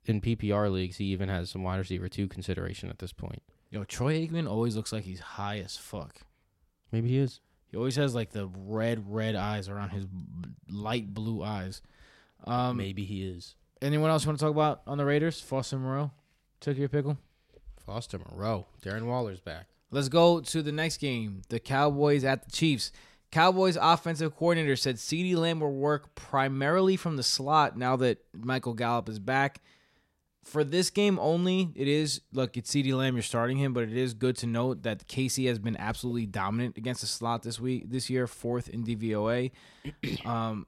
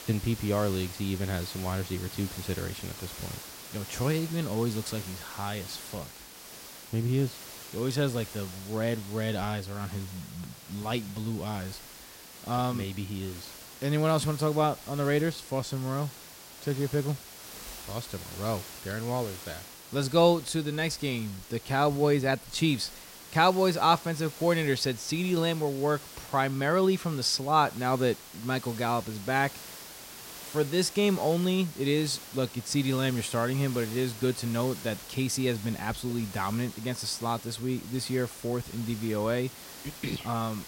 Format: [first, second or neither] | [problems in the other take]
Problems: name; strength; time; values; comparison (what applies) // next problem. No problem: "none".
first | hiss; noticeable; throughout; 15 dB below the speech